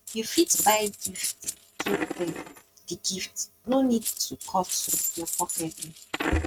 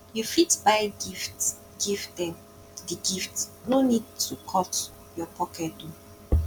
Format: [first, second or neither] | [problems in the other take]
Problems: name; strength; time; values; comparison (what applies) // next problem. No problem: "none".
second | noise reduction (neural mask model RNNoise)